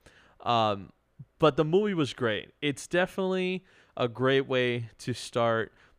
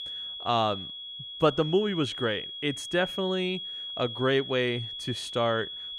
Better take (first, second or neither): first